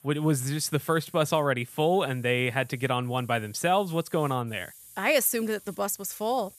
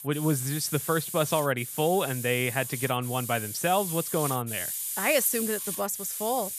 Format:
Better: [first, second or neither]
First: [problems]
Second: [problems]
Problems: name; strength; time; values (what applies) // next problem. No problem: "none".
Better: first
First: hiss; faint; throughout; 25 dB below the speech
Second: hiss; loud; throughout; 5 dB below the speech